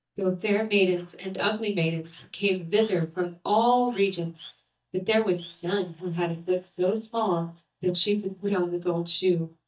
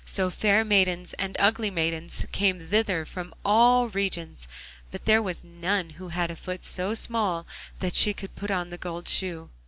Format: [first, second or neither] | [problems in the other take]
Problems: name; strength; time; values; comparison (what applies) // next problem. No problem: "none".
second | noise reduction (neural mask model DeepFilterNet 3)